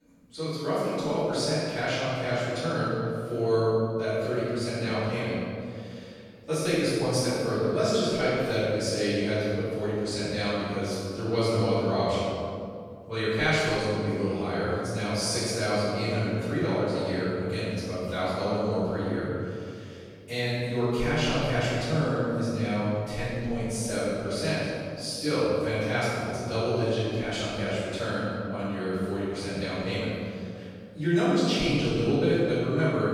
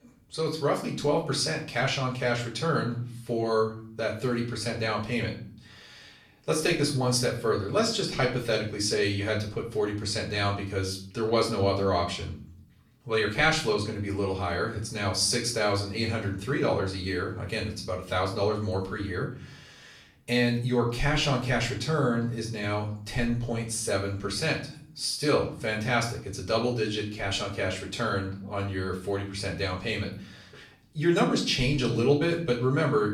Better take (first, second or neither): second